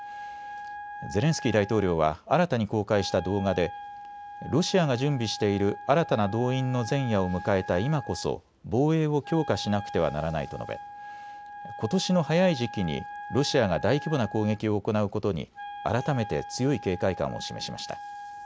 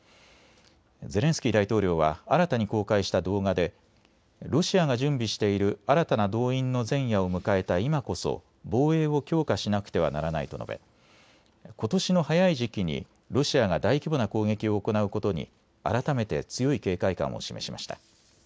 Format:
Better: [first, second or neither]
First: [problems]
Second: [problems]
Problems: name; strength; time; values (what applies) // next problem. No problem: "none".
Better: second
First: background sound (Wind instrument, woodwind instrument); 13 dB below the speech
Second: none